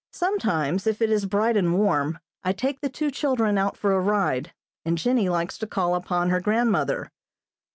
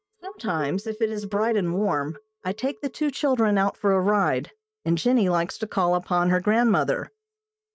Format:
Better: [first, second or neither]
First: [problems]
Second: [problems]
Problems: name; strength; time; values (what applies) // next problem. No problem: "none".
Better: first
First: none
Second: noise reduction (neural mask model DeepFilterNet 3)